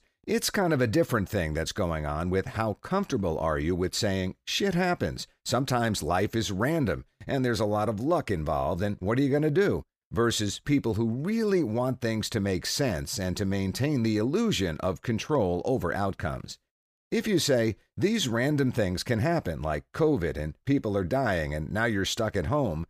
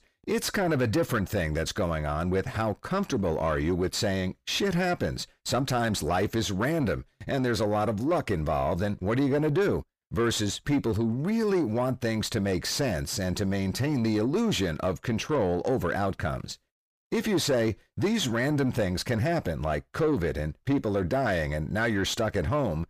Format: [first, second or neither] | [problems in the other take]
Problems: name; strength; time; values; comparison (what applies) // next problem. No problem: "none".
first | distortion; slight; 10 dB below the speech